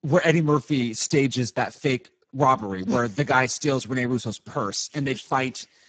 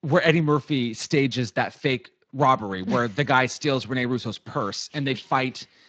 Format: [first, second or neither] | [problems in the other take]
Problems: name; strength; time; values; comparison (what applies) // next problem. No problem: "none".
second | garbled, watery; badly; nothing above 7.5 kHz; slightly in the second